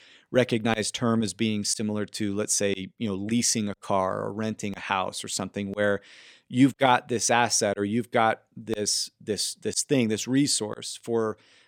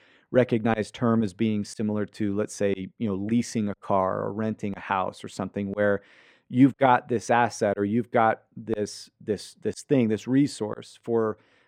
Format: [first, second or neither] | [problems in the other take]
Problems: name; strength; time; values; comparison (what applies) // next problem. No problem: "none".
first | muffled; very; fading above 2.5 kHz